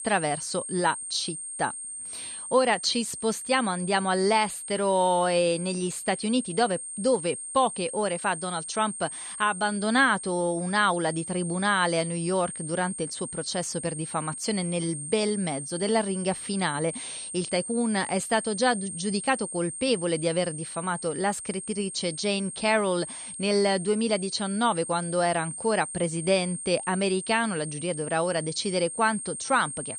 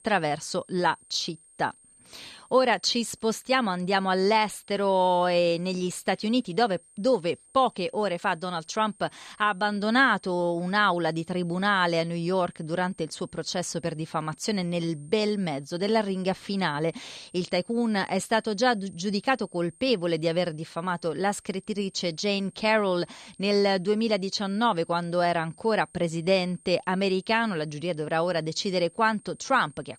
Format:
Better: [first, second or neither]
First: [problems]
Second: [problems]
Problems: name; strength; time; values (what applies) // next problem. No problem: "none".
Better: second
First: high-pitched whine; loud; throughout; 8.5 kHz, 8 dB below the speech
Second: high-pitched whine; faint; throughout; 8.5 kHz, 30 dB below the speech